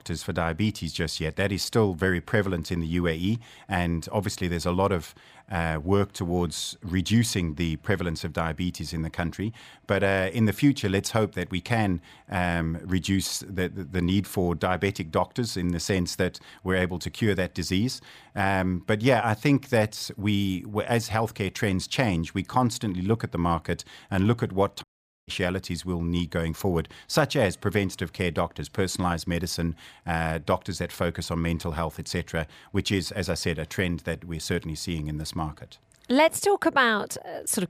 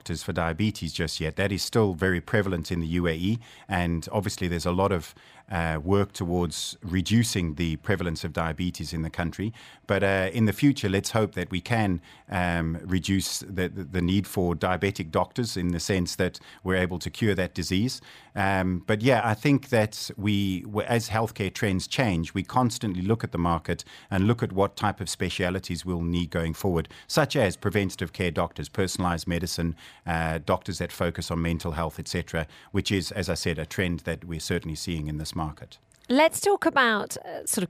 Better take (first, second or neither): second